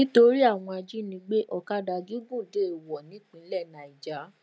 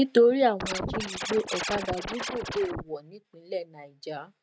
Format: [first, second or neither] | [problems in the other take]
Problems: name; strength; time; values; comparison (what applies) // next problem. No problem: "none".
first | noise reduction (neural mask model RNNoise)